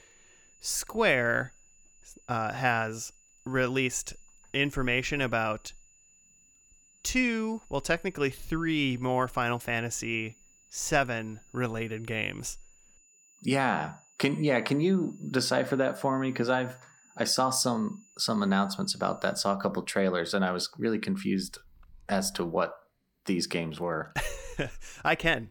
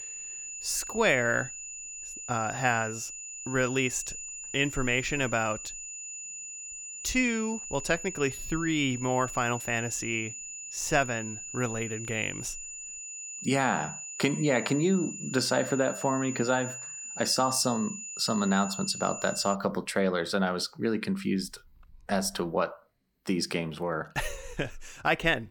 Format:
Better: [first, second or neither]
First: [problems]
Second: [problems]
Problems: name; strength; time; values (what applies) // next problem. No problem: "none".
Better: first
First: high-pitched whine; faint; until 20 s; 7 kHz, 30 dB below the speech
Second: high-pitched whine; loud; until 20 s; 7 kHz, 8 dB below the speech